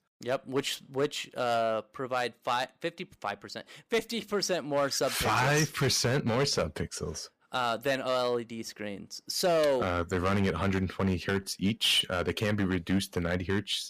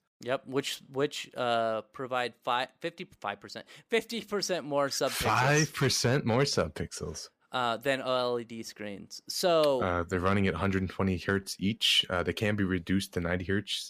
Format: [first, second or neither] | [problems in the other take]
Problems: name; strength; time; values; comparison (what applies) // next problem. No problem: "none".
second | distortion; slight; 5% of the sound clipped